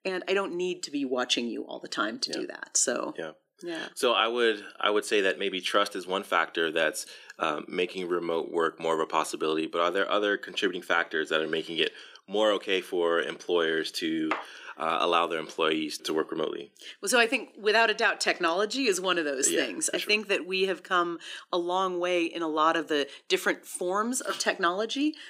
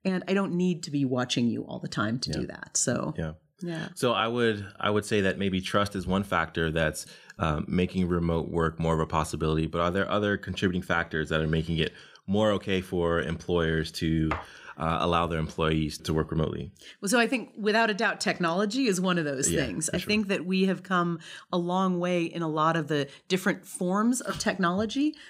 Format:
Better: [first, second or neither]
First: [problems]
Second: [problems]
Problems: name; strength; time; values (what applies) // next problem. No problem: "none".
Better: second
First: thin; somewhat; fading below 300 Hz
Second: none